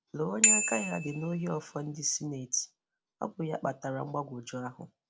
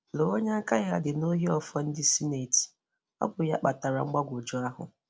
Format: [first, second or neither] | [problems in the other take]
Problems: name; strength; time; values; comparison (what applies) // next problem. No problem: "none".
second | background sound (Bicycle bell); 3 dB above the speech